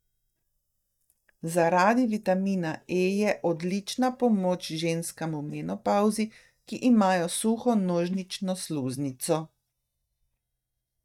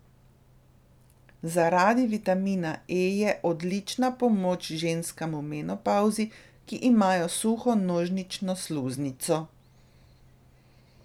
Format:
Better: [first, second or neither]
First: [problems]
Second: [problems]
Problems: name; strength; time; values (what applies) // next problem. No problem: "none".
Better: second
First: noise reduction (neural mask model DeepFilterNet 3)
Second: none